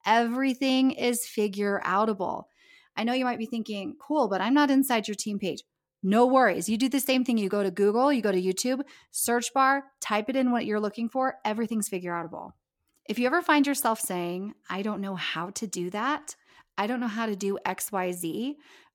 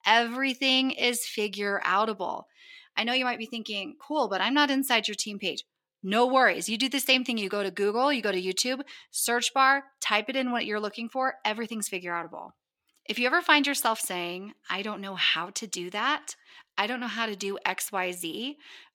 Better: first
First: none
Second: thin; very slightly; fading below 300 Hz

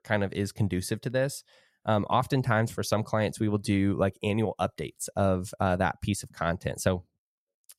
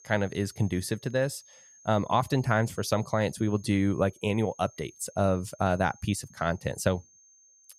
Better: first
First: none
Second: high-pitched whine; faint; throughout; 6.5 kHz, 25 dB below the speech

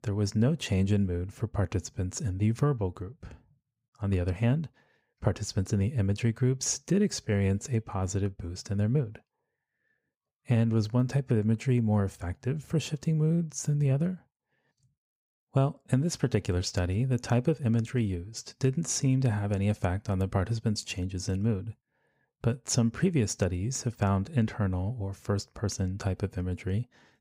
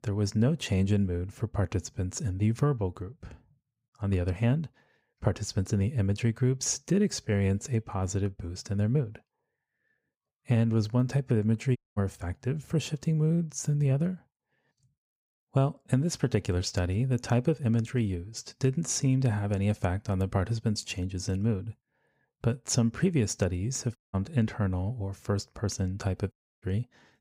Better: first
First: none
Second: audio cutting out; at 12 s, at 24 s and at 26 s

